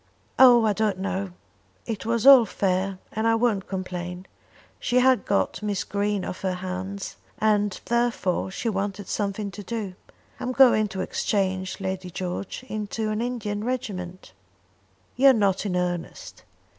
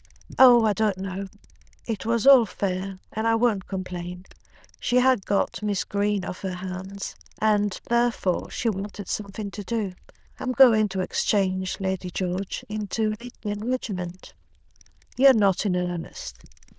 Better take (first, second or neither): first